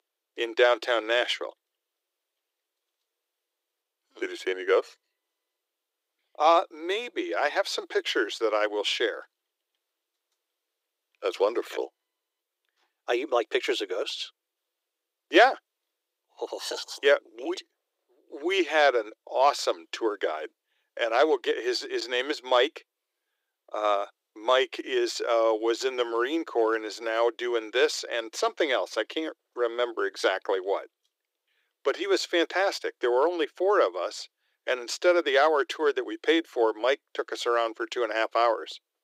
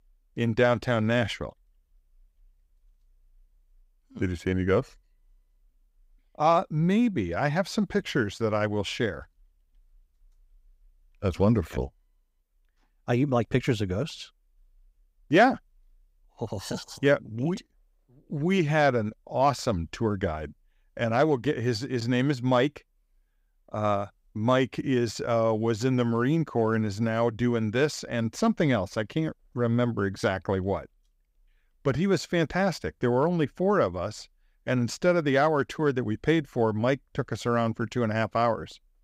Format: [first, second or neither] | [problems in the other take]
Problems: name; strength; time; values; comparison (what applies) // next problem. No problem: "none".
second | thin; very; fading below 350 Hz